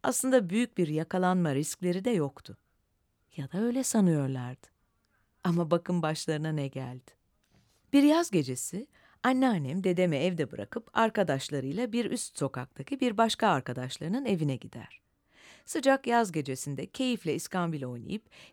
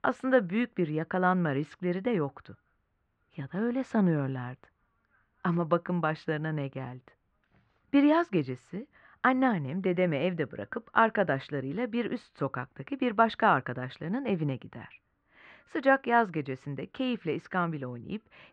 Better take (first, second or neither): first